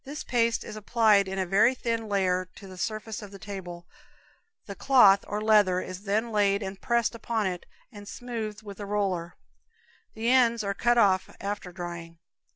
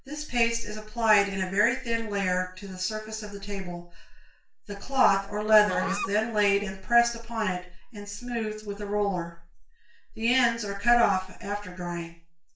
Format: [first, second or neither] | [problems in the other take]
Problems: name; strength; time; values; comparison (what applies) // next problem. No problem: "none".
first | background sound (Musical instrument); 11 dB below the speech // room echo; dies away in 0.4 s